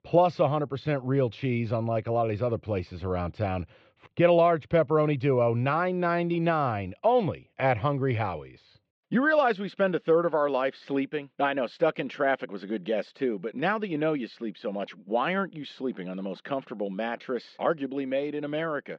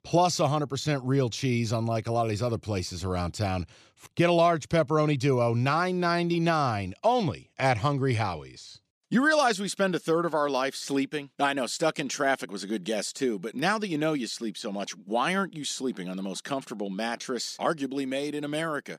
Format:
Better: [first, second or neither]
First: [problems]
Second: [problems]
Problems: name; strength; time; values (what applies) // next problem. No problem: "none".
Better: second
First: muffled; very; fading above 3 kHz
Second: none